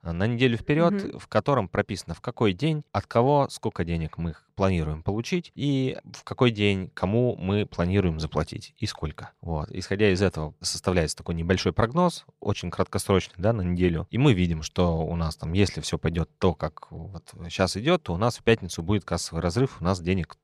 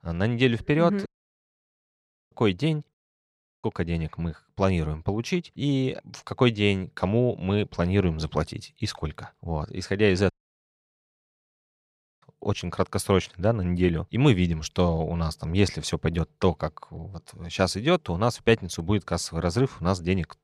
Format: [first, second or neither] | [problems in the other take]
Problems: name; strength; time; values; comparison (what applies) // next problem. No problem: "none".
first | audio cutting out; at 1 s for 1.5 s, at 3 s for 0.5 s and at 10 s for 2 s